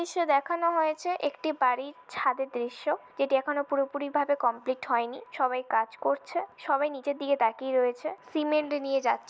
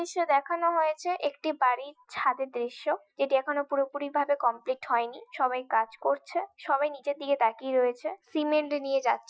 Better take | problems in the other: first | noise reduction (classical method Wiener filter)

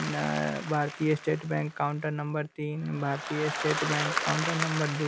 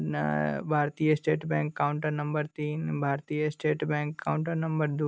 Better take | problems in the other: second | background sound (Applause); 5 dB below the speech

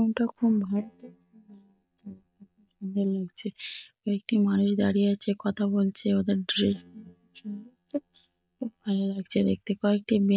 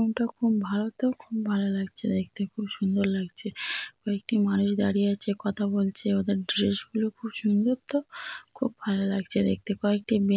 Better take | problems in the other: second | noise reduction (neural mask model DeepFilterNet 3)

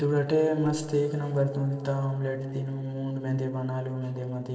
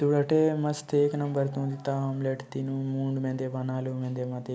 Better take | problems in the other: second | noise reduction (neural separator model SepFormer DNS4)

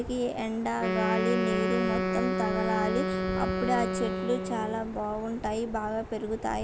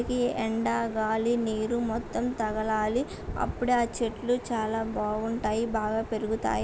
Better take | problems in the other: second | background sound (Wind instrument, woodwind instrument); 1 dB below the speech

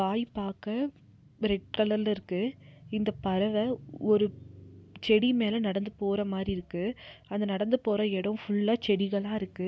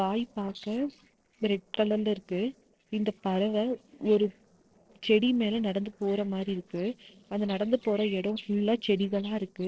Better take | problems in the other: first | noise reduction (neural separator model SepFormer DNS4)

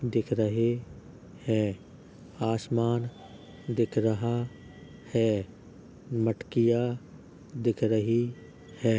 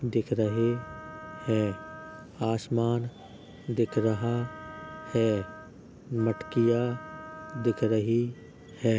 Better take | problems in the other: first | background sound (Wind instrument, woodwind instrument); 15 dB below the speech

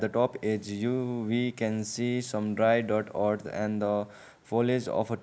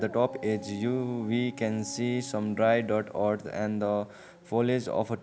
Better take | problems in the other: first | background sound (Dog); 18 dB below the speech

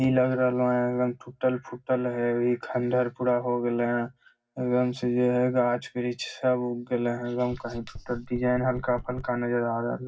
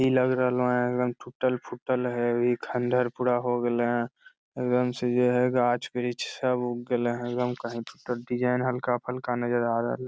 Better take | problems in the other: second | background sound (Knock); 16 dB below the speech // room echo; dies away in 0.4 s

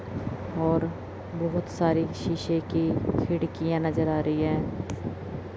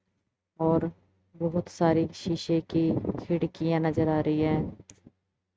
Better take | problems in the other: first | noise reduction (neural mask model RNNoise)

